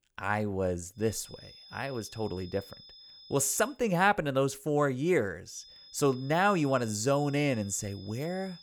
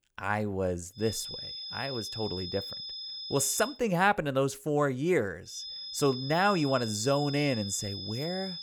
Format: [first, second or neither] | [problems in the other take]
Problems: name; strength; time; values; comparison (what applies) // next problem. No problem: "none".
first | high-pitched whine; loud; from 1 to 3.5 s and from 5.5 s on; 5 kHz, 8 dB below the speech; faint in the first